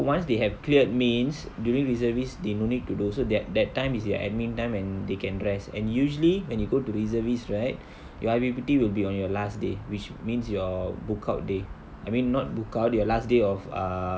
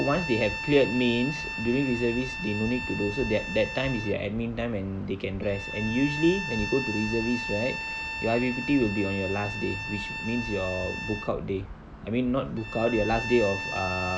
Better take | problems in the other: first | background sound (Bowed string instrument); 8 dB below the speech

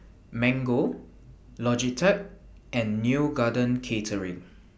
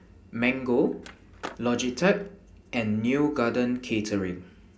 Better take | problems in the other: first | background sound (Skateboard); 17 dB below the speech // room echo; dies away in 0.3 s

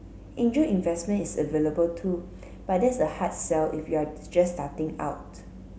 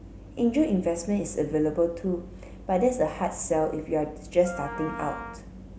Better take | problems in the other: first | background sound (Wind instrument, woodwind instrument); 12 dB below the speech

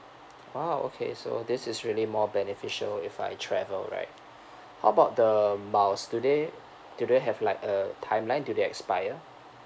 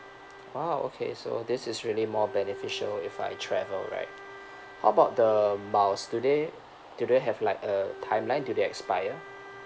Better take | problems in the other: first | background sound (Bowed string instrument); 18 dB below the speech

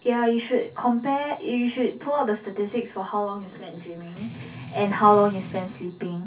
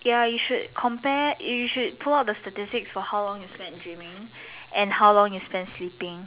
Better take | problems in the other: second | background sound (Strum); 13 dB below the speech // room echo; dies away in 0.3 s

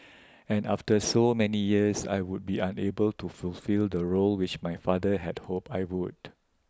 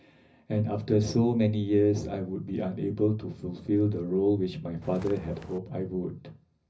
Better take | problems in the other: first | background sound (Walk, footsteps); 16 dB below the speech // room echo; dies away in 0.4 s

